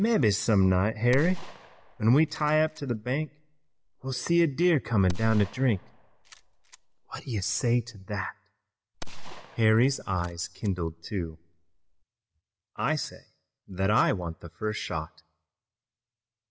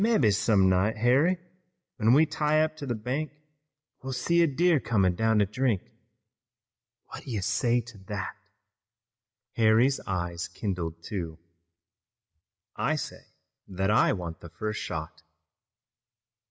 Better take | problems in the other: second | background sound (Gunshot, gunfire); 10 dB below the speech

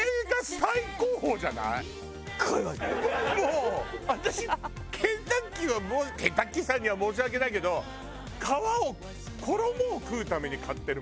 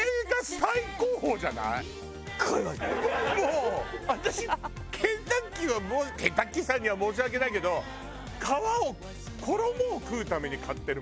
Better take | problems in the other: first | background sound (Chicken, rooster); 20 dB below the speech

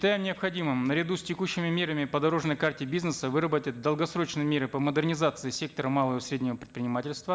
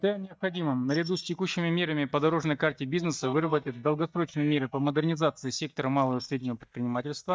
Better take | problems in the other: first | noise reduction (neural mask model DeepFilterNet 3)

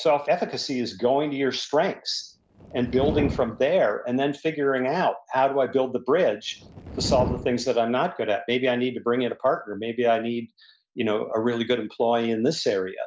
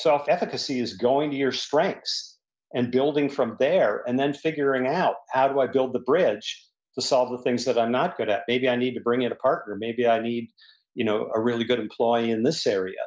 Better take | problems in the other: second | background sound (Fire); 9 dB below the speech

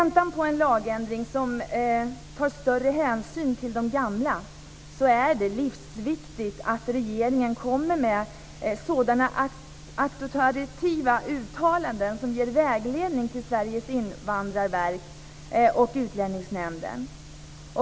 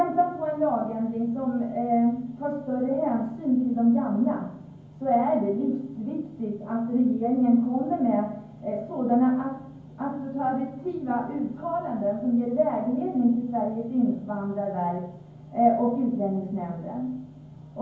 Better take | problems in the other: first | room echo; dies away in 0.9 s

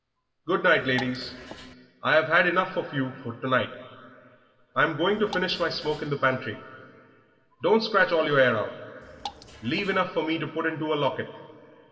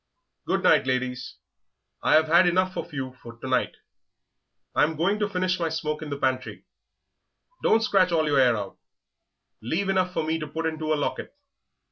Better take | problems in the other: second | background sound (Drip / Water); 15 dB below the speech // room echo; dies away in 2.5 s

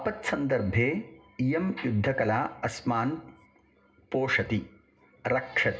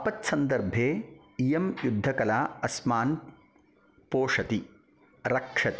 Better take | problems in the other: second | room echo; dies away in 0.2 s

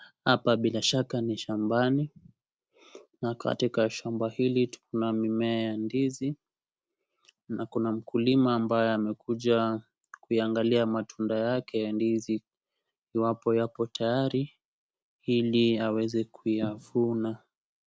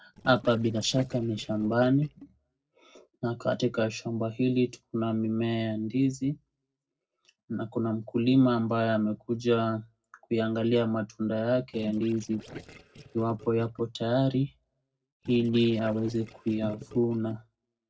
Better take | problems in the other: first | noise reduction (neural separator model SepFormer DNS4)

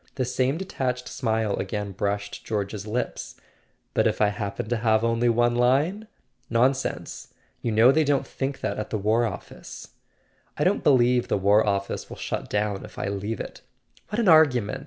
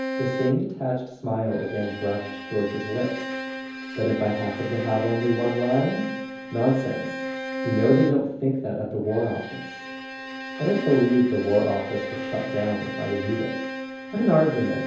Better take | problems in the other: first | background sound (Bowed string instrument); 8 dB below the speech // room echo; dies away in 0.9 s

